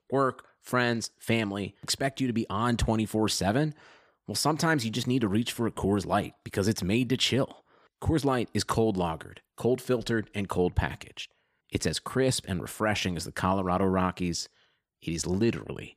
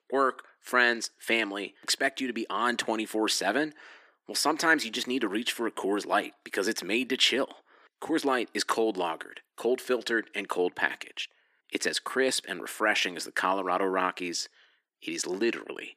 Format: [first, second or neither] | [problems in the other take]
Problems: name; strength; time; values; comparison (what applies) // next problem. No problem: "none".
first | thin; somewhat; fading below 300 Hz